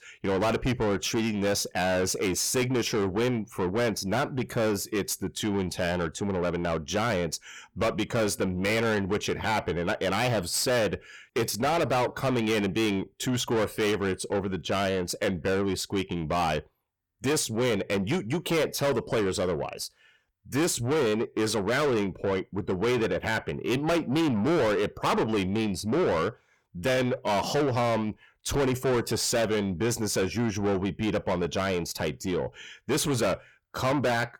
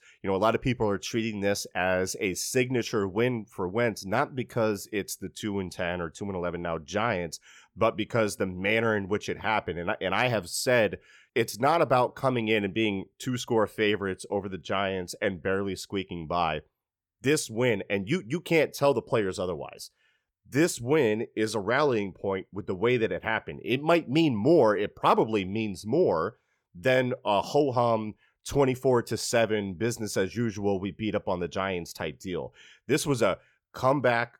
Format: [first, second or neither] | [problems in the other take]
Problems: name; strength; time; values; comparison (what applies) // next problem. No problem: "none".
second | distortion; heavy; 6 dB below the speech